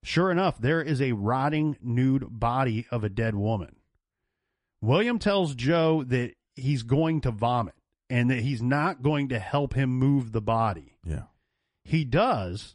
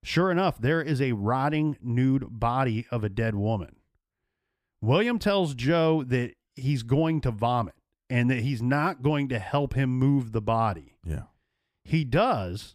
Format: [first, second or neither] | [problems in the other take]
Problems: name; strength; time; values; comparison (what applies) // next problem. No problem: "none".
second | garbled, watery; slightly; nothing above 10.5 kHz